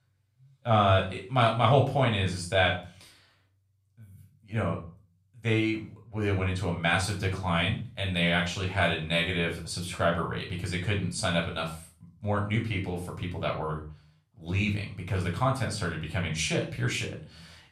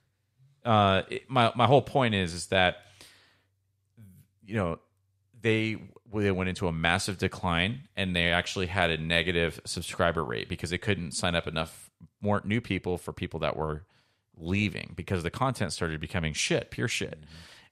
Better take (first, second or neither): second